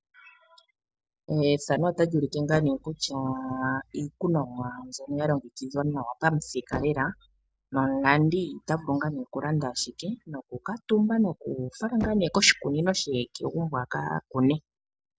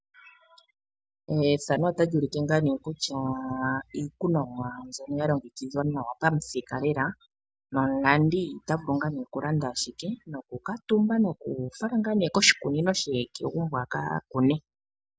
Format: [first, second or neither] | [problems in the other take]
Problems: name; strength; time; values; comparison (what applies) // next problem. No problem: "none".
second | noise reduction (neural separator model SepFormer DNS4)